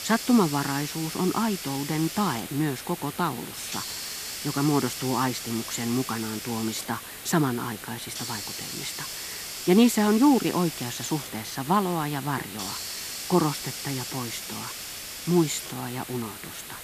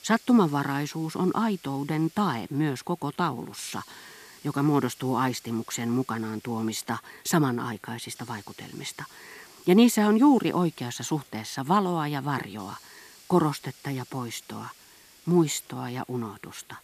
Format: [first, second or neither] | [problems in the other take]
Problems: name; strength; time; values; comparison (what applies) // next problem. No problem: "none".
second | hiss; loud; throughout; 7 dB below the speech; faint in the second